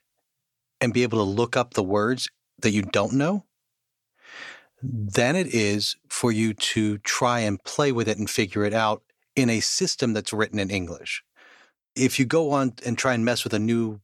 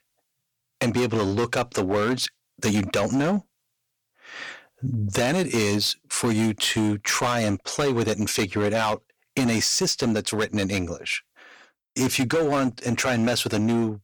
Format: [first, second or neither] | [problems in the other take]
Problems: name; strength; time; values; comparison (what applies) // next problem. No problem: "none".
first | distortion; heavy; 12% of the sound clipped